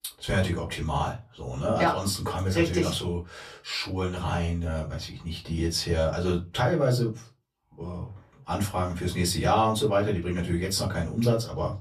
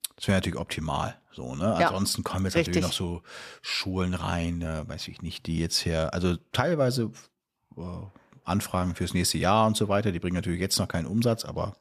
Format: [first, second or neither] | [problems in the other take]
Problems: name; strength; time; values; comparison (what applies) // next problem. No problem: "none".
second | off-mic speech; far // room echo; very slight; dies away in 0.2 s